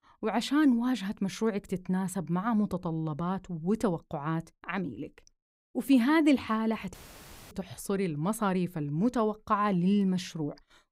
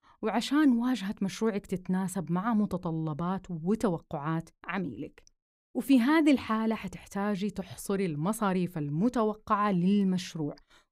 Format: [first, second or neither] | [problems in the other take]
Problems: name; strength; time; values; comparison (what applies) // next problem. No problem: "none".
second | audio cutting out; filled with static; at 7 s for 0.5 s